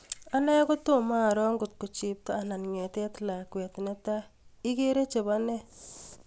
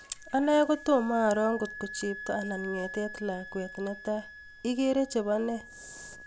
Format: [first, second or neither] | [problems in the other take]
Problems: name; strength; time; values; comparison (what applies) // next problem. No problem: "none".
first | background sound (Wind instrument, woodwind instrument); 14 dB below the speech